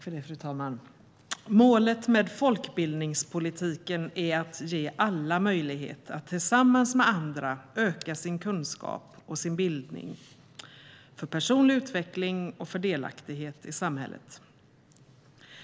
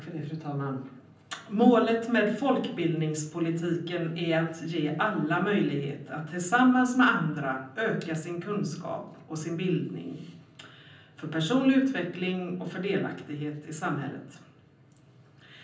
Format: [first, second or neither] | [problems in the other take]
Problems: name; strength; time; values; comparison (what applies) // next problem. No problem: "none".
first | room echo; dies away in 0.6 s